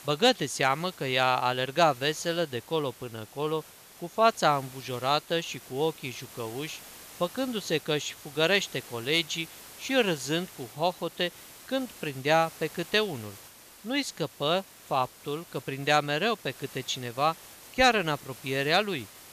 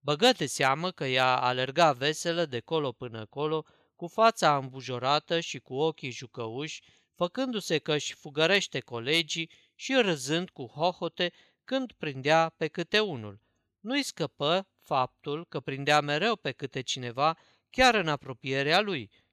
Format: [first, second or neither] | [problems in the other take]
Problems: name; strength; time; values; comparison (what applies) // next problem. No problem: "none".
second | hiss; noticeable; throughout; 20 dB below the speech